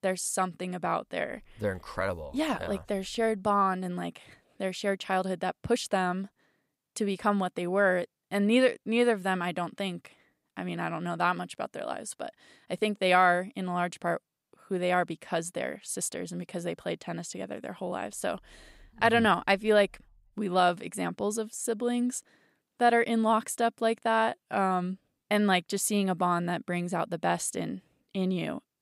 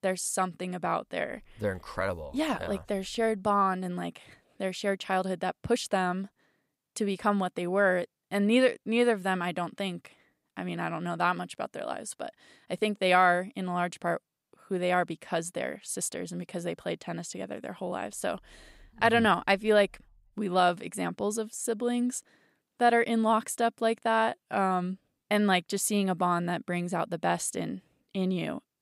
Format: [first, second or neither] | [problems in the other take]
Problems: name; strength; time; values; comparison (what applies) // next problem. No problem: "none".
neither | none